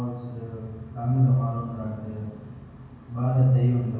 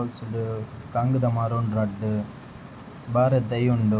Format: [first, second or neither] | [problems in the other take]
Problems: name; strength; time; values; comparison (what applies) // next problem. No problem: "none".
second | room echo; dies away in 1.3 s